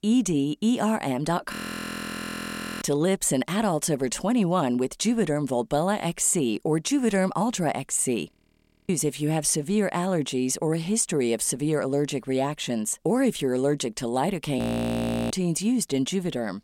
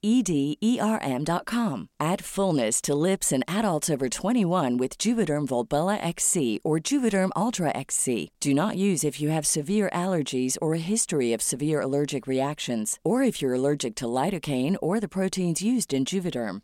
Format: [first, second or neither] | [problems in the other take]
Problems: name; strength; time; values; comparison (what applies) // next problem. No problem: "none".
second | audio freezing; at 1.5 s for 1.5 s, at 8.5 s for 0.5 s and at 15 s for 0.5 s